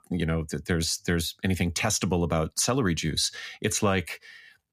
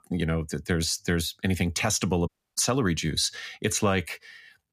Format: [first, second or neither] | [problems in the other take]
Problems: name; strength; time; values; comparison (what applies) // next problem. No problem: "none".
first | audio cutting out; at 2.5 s